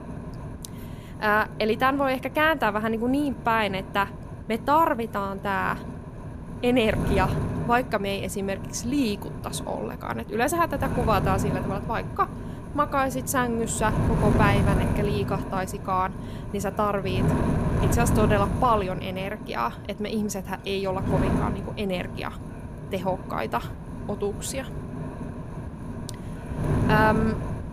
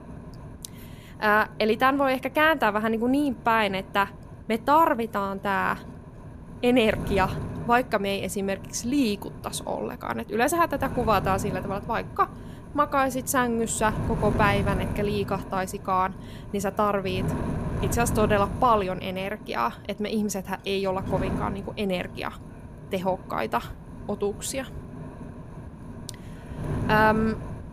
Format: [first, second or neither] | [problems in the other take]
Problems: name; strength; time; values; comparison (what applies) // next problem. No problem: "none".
second | wind noise on the microphone; heavy; 10 dB below the speech; occasional gusts in the second